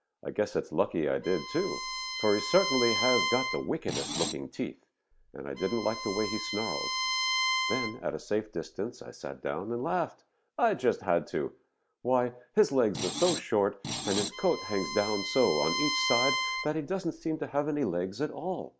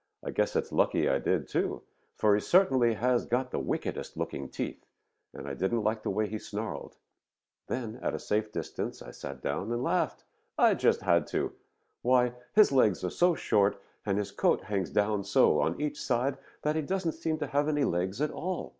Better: second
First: background sound (Bowed string instrument + Screech); 3 dB below the speech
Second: none

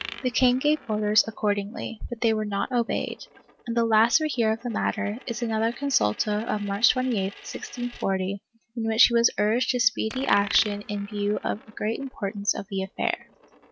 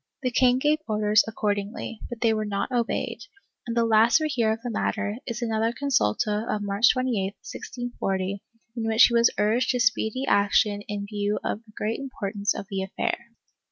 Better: second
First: background sound (Coin (dropping)); 19 dB below the speech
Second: none

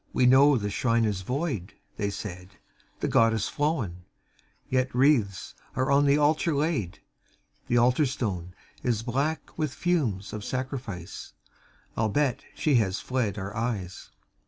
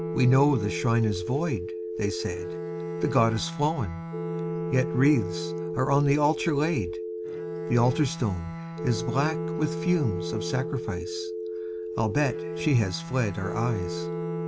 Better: first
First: none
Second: background sound (Telephone + Bowed string instrument); 5 dB below the speech

